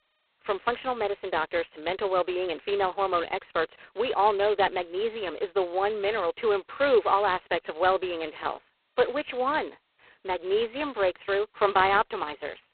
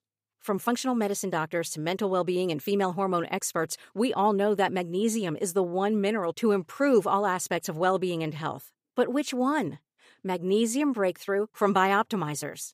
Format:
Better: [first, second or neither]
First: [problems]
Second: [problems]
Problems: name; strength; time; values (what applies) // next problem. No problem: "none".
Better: second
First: phone-call audio; poor line; nothing above 4 kHz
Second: none